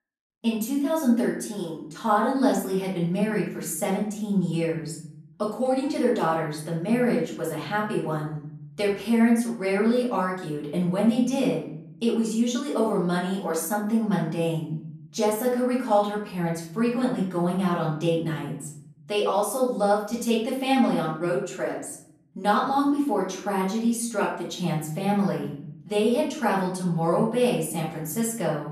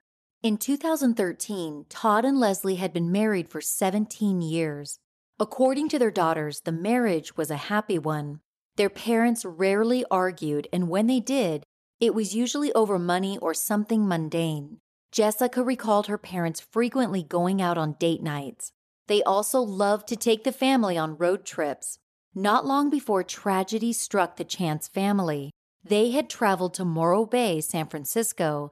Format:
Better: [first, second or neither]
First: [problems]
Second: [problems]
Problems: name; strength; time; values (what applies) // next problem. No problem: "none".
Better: second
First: off-mic speech; far // room echo; noticeable; dies away in 0.9 s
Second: none